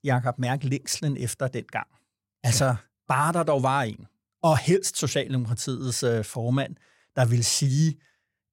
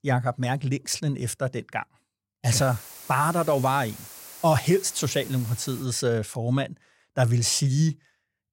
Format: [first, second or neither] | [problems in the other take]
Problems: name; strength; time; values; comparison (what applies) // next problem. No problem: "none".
first | hiss; noticeable; from 2.5 to 6 s; 15 dB below the speech